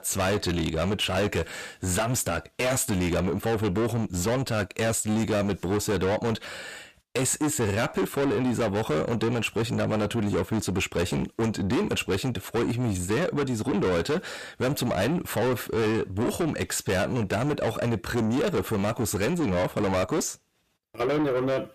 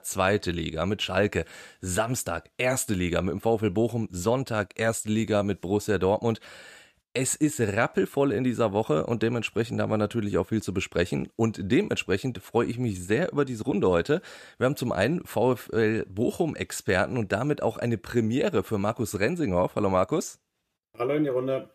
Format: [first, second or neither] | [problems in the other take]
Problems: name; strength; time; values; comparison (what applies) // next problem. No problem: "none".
second | distortion; heavy; 6 dB below the speech